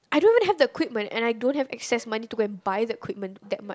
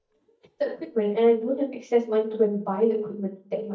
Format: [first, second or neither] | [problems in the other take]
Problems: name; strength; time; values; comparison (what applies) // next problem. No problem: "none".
first | noise reduction (neural mask model DeepFilterNet 3)